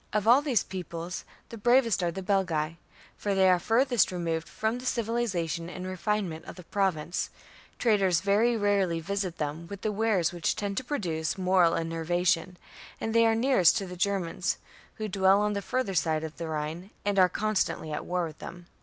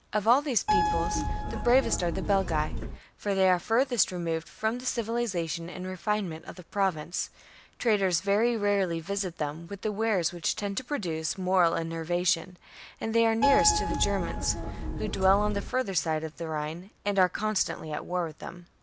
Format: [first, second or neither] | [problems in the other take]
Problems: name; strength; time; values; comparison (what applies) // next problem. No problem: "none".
first | background sound (Keyboard (musical)); 1 dB below the speech